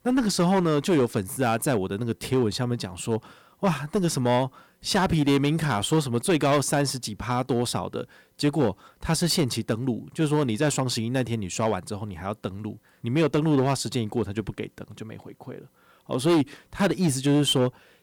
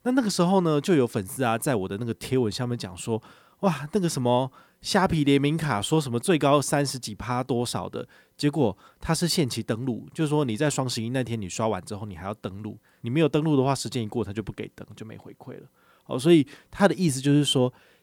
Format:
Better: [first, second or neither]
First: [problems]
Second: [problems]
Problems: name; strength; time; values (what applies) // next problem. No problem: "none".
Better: second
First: distortion; slight; 6% of the sound clipped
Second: none